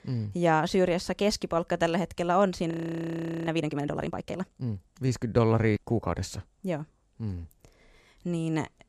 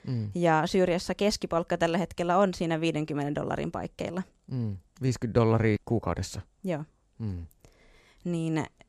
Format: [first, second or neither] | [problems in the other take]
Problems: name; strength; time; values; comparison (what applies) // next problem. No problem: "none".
second | audio freezing; at 2.5 s for 1 s